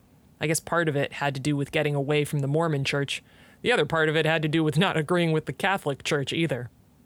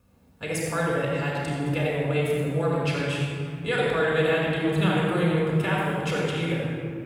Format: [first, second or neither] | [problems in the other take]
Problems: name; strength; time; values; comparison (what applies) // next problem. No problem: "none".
first | off-mic speech; far // room echo; strong; dies away in 2.7 s